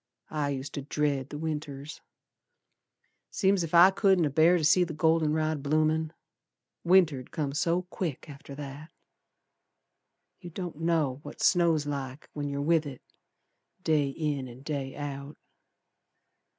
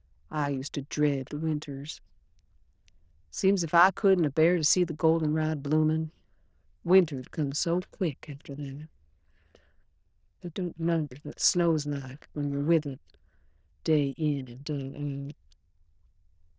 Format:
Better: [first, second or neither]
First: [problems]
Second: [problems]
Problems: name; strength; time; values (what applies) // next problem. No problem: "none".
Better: first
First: none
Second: noise reduction (neural diffusion model UNIVERSE++)